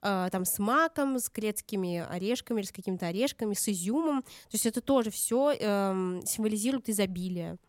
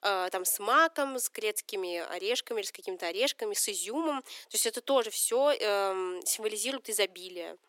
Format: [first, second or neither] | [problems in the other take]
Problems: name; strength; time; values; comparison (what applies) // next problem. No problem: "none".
first | thin; very; fading below 350 Hz